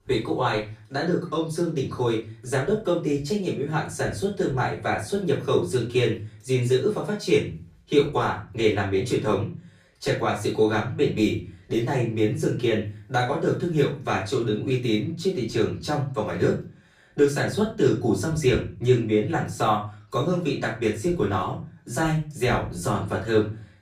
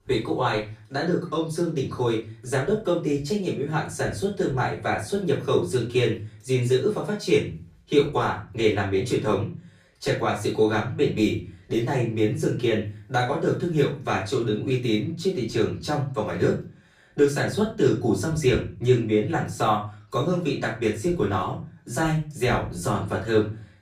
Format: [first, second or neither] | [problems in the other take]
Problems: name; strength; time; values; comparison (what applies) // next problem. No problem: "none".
neither | room echo; slight; dies away in 0.3 s; the same in both // off-mic speech; far; the same in both